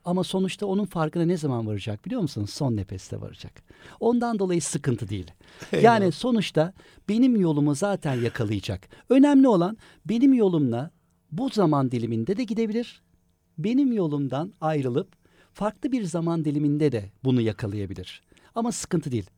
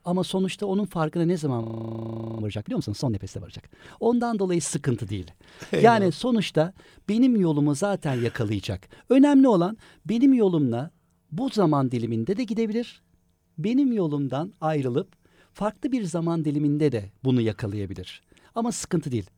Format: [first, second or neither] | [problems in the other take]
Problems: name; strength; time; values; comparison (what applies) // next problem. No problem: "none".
first | audio freezing; at 1.5 s for 1 s